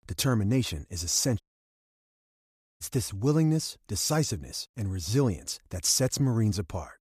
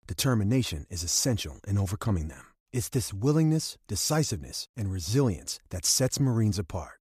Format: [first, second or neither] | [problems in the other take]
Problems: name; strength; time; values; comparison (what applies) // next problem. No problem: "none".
second | audio cutting out; at 1.5 s for 1.5 s